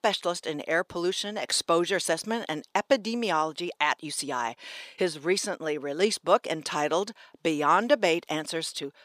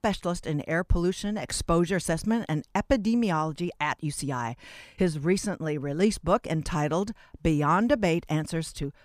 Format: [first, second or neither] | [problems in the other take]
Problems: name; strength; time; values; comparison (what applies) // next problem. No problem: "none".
second | thin; somewhat; fading below 450 Hz